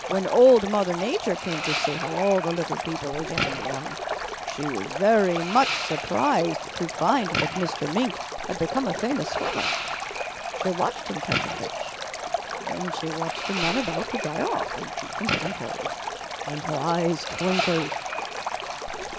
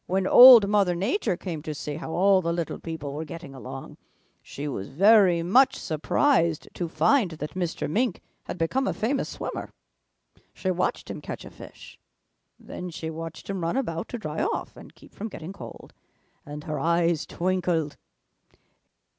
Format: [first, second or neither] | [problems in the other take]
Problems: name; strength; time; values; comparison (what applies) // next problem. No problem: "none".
second | background sound (Stream + Fireworks); 3 dB below the speech